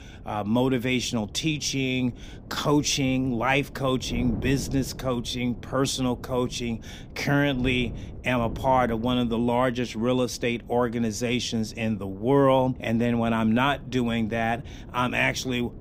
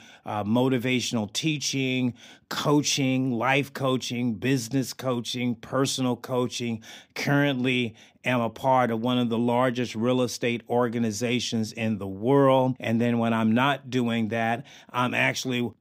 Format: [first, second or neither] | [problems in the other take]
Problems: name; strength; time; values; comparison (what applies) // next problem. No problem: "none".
second | wind noise on the microphone; occasional gusts; 20 dB below the speech